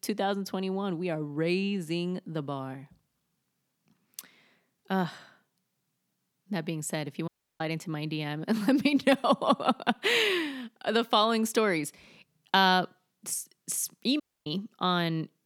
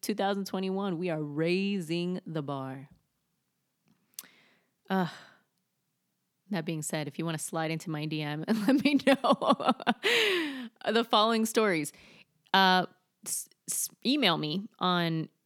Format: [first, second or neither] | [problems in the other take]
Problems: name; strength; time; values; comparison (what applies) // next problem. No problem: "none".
second | audio cutting out; at 7.5 s and at 14 s